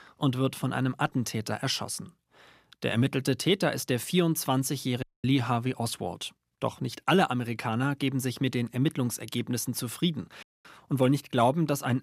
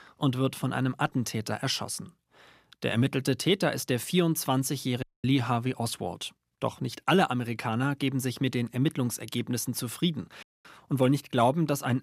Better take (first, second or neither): neither